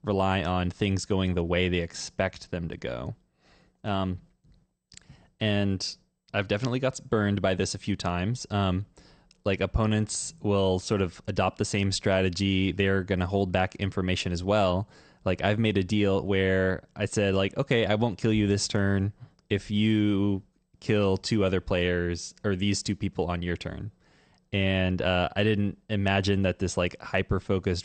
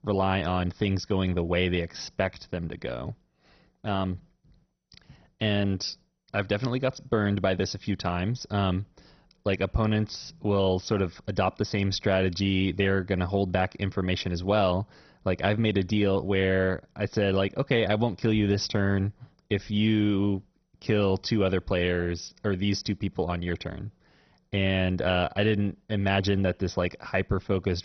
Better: first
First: garbled, watery; slightly; nothing above 8.5 kHz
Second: garbled, watery; badly; nothing above 6 kHz

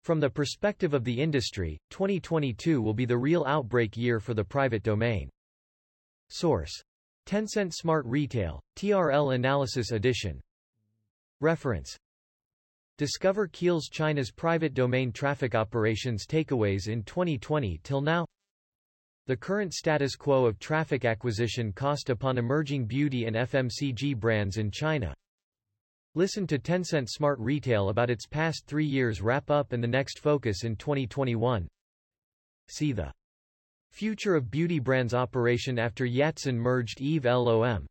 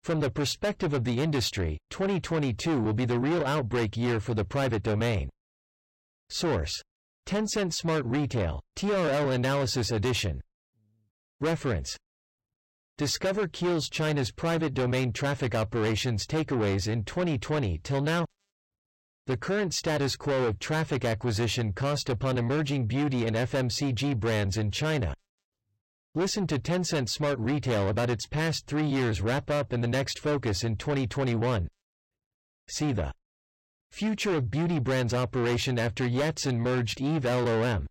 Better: first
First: none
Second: distortion; heavy; 7 dB below the speech

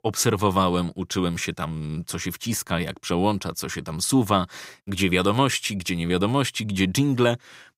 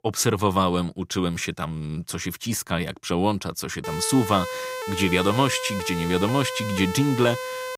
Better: first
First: none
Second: siren; noticeable; from 4 s on; peak 6 dB below the speech

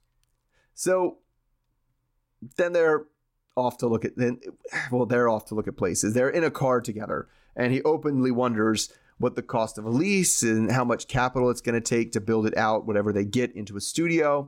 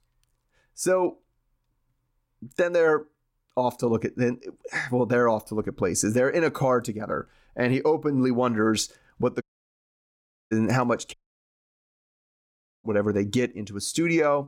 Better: first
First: none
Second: audio cutting out; at 9.5 s for 1 s and at 11 s for 1.5 s

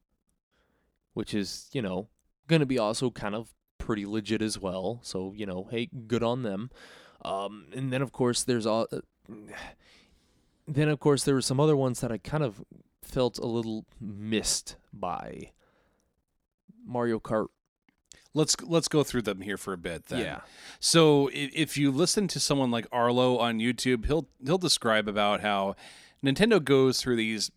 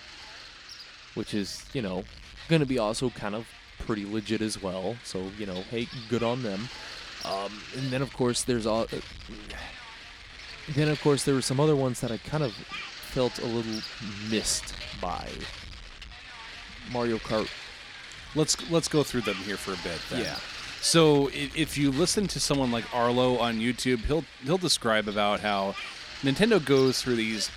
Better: first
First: none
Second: wind noise on the microphone; occasional gusts; 10 dB below the speech

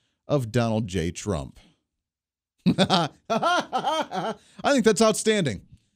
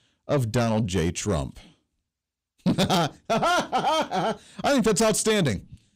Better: first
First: none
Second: distortion; heavy; 8 dB below the speech

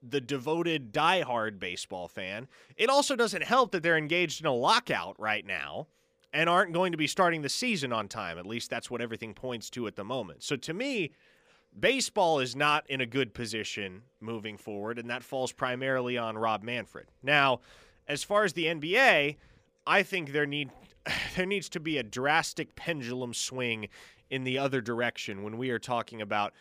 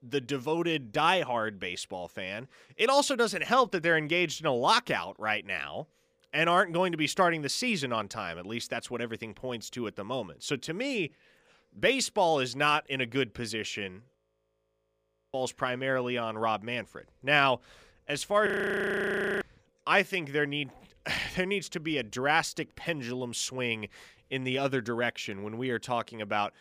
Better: first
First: none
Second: audio freezing; at 14 s for 1 s and at 18 s for 1 s

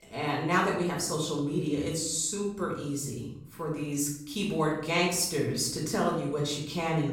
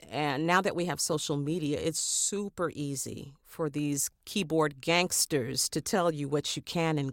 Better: second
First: off-mic speech; far // room echo; noticeable; dies away in 0.6 s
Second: none

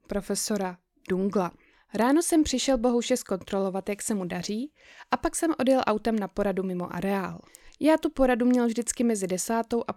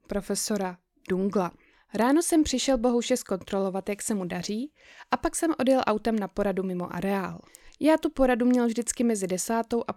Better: neither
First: none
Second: none

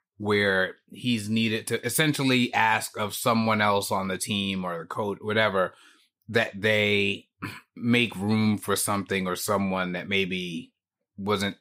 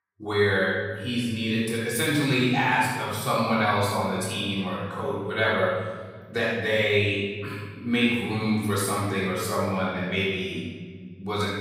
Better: first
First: none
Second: off-mic speech; far // room echo; strong; dies away in 2 s

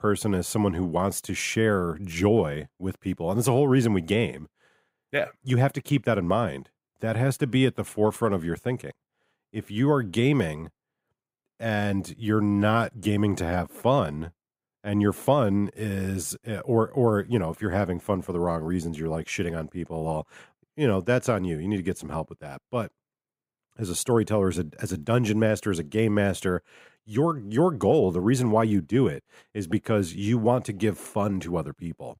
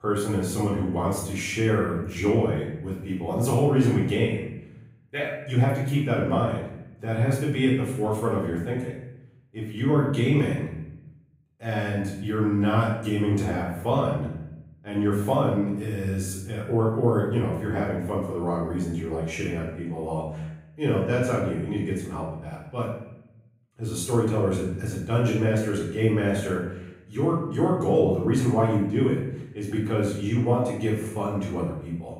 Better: first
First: none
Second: room echo; noticeable; dies away in 0.8 s // off-mic speech; far

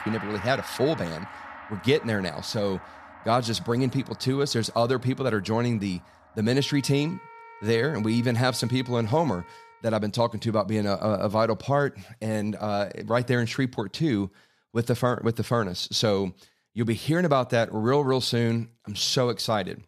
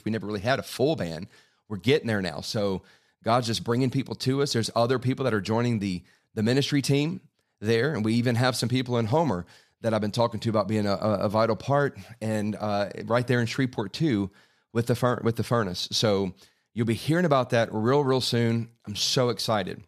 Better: second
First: background music; noticeable; until 9.5 s; 15 dB below the speech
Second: none

